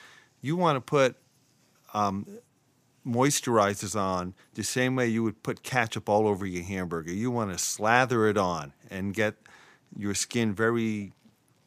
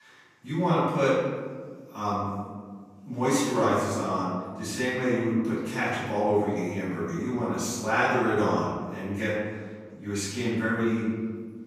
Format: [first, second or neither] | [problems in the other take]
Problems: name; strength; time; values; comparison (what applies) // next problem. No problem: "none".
first | off-mic speech; far // room echo; strong; dies away in 1.5 s